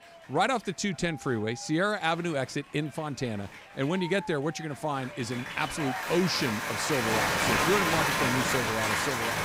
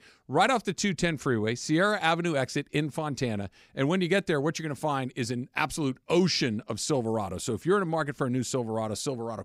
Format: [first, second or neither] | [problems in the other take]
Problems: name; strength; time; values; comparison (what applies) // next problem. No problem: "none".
second | crowd noise; very loud; throughout; 2 dB above the speech